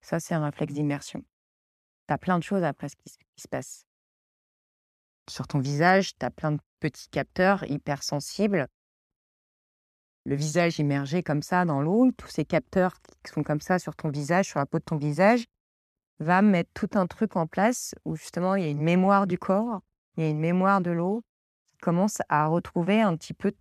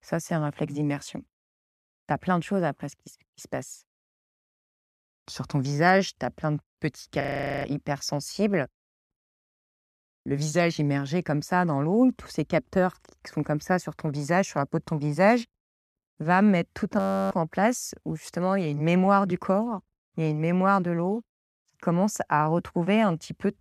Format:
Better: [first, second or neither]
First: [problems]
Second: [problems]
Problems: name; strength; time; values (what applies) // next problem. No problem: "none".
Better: first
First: none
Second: audio freezing; at 7 s and at 17 s